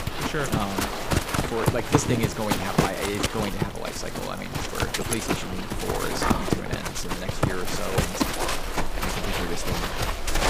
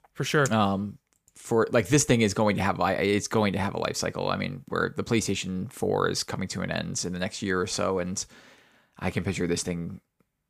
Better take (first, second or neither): second